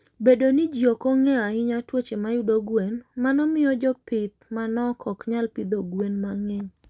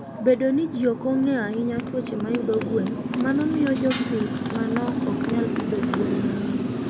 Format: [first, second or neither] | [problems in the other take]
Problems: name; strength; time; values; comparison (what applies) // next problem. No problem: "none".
first | background sound (Motorcycle); 2 dB below the speech